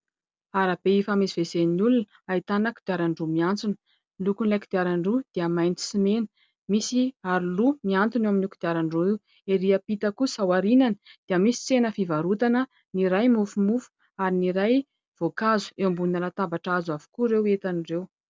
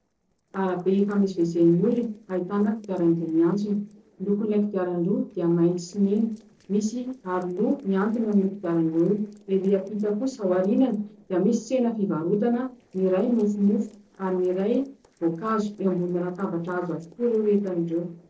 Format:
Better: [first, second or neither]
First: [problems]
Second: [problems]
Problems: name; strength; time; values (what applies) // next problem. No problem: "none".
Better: first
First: none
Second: noise reduction (neural separator model SepFormer DNS4)